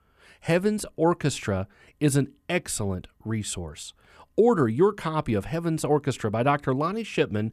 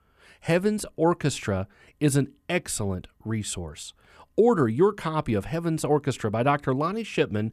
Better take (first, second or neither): neither